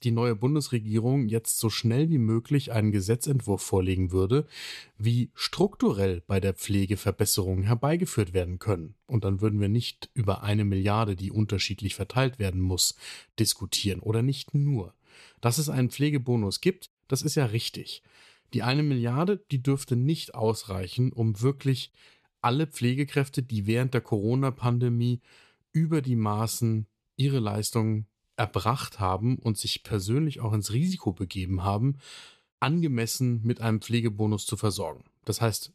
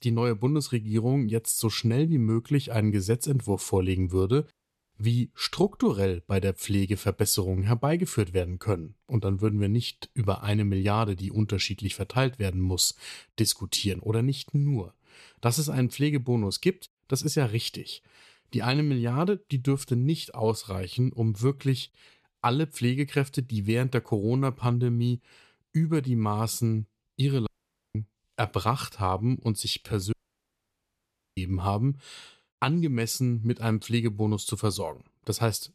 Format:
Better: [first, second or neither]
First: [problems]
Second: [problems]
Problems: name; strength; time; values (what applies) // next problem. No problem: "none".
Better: first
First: none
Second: audio cutting out; at 4.5 s, at 27 s and at 30 s for 1 s